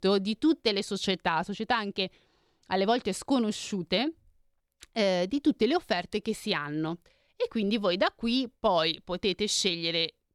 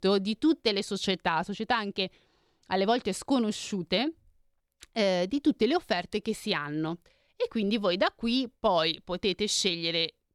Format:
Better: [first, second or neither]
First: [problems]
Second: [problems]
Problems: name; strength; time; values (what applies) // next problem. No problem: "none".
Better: neither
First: none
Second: none